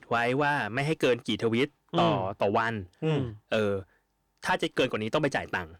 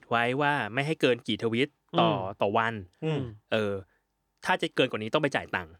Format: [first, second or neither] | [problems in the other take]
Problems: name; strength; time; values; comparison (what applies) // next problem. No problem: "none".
second | distortion; slight; 10 dB below the speech